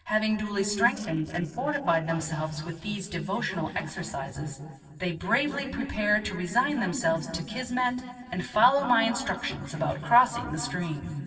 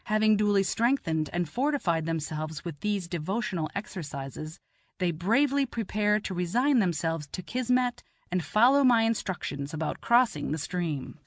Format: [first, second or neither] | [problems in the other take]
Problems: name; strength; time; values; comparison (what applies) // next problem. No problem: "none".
second | noise reduction (neural separator model SepFormer DNS4)